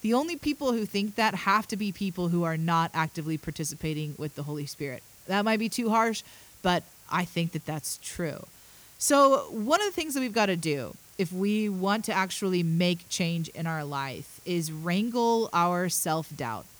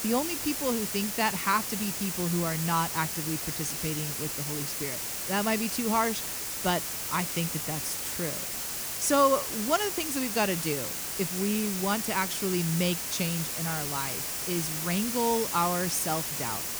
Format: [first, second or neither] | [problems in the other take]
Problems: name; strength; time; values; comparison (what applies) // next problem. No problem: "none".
first | hiss; loud; throughout; 1 dB below the speech; faint in the first